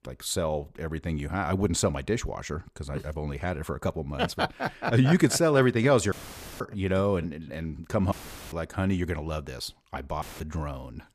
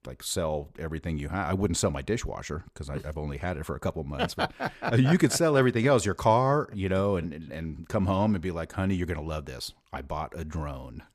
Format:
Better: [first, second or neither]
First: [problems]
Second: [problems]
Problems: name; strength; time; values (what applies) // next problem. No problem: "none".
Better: second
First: audio cutting out; filled with static; at 6 s, at 8 s and at 10 s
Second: none